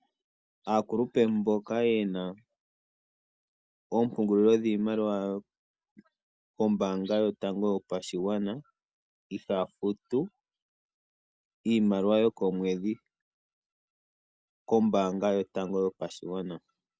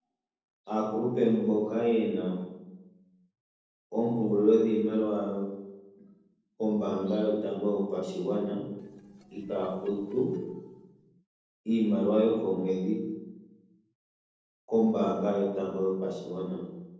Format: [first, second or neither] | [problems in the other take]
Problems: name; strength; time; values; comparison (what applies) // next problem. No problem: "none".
first | noise reduction (neural separator model SepFormer DNS4)